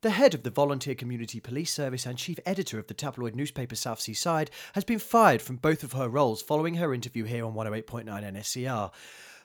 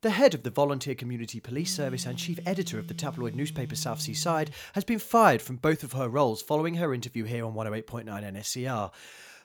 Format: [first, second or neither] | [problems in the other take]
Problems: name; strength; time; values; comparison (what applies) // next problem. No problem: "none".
first | phone ringing; faint; from 1.5 to 4.5 s; peak 10 dB below the speech